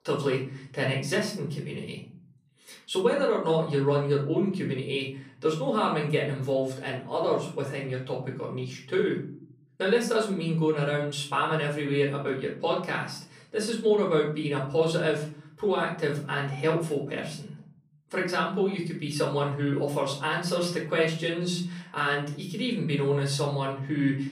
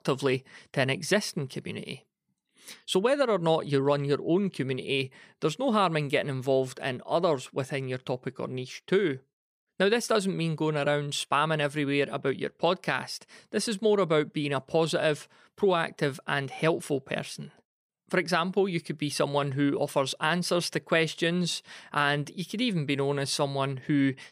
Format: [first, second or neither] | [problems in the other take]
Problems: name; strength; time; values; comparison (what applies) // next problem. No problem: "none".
second | off-mic speech; far // room echo; slight; dies away in 0.6 s